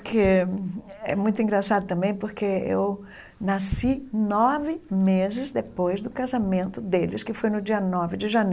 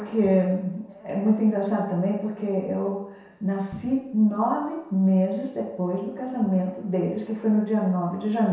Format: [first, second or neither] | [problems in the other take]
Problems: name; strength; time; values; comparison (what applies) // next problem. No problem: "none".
first | room echo; dies away in 0.7 s